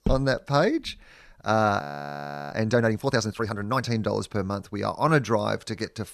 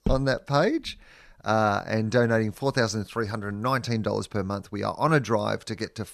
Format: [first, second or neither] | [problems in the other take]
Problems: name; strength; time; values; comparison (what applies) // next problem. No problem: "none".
second | audio freezing; at 2 s for 0.5 s